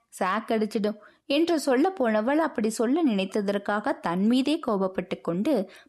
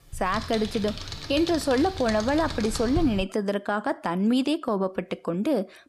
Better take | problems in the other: first | keyboard typing; noticeable; until 3.5 s; peak 6 dB below the speech

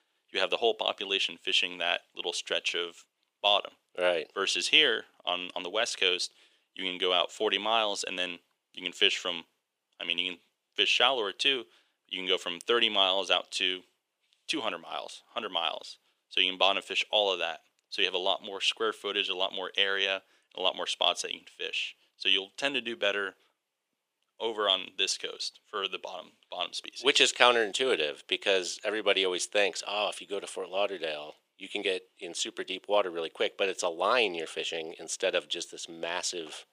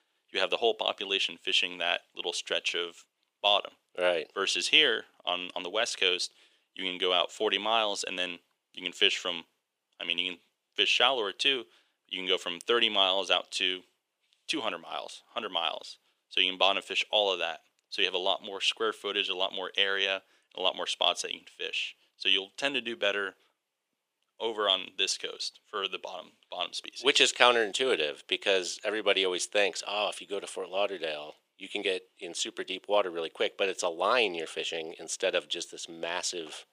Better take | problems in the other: neither | thin; very; fading below 450 Hz; the same in both

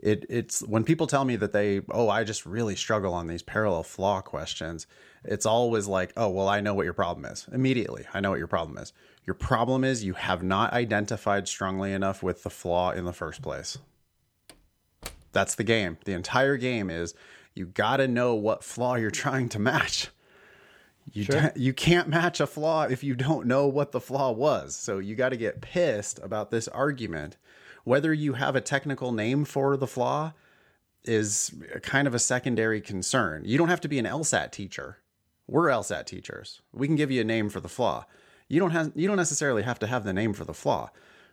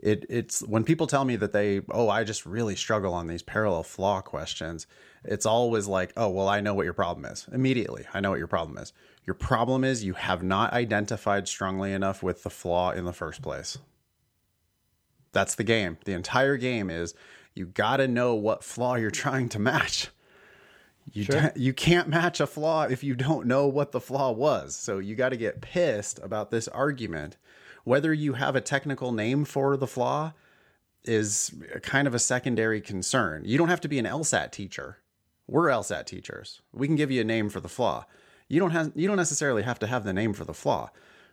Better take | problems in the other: second | door banging; faint; at 14 s; peak 15 dB below the speech

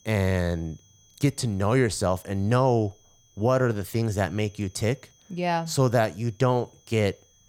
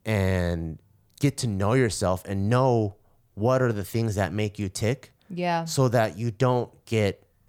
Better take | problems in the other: second | high-pitched whine; faint; throughout; 6 kHz, 30 dB below the speech

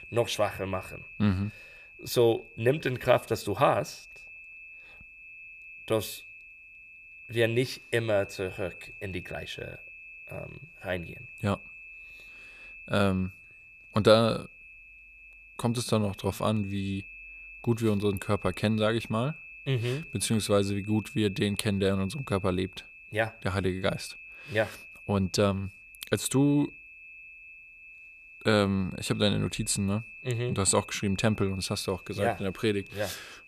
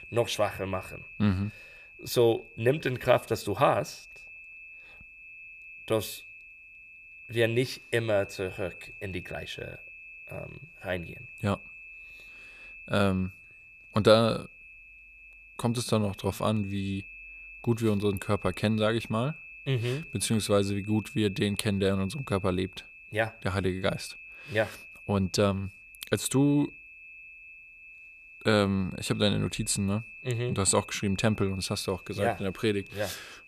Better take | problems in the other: neither | high-pitched whine; noticeable; throughout; 2.5 kHz, 15 dB below the speech; the same in both

